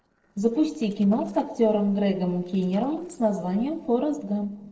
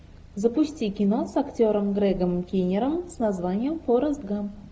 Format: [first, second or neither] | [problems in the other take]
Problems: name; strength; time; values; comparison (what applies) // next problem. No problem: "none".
second | noise reduction (neural separator model SepFormer DNS4)